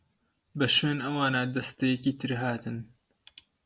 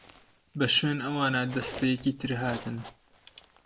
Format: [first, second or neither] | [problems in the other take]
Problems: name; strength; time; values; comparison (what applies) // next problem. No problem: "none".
first | background sound (Zipper (clothing)); 16 dB below the speech